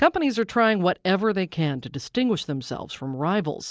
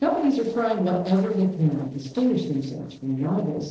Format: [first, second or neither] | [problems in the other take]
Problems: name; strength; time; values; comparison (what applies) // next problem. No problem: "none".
first | noise reduction (neural separator model SepFormer DNS4)